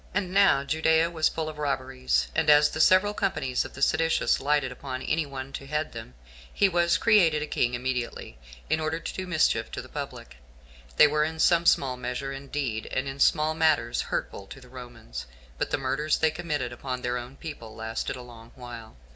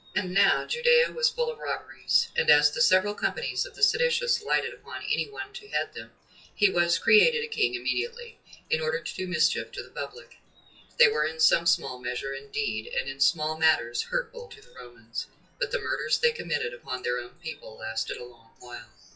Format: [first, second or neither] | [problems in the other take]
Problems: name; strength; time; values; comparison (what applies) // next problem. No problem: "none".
first | noise reduction (classical method WPE with log-MMSE)